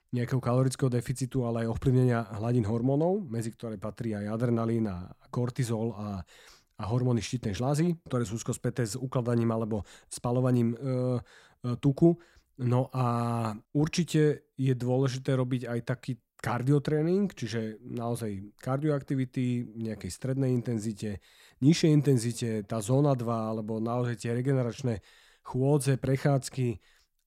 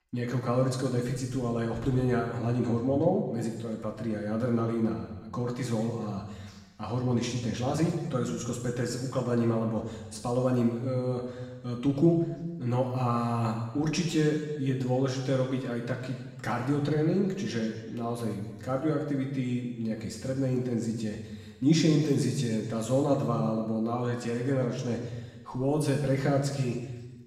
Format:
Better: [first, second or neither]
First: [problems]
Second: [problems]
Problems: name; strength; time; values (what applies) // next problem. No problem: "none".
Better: first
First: none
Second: room echo; noticeable; dies away in 1.2 s // off-mic speech; far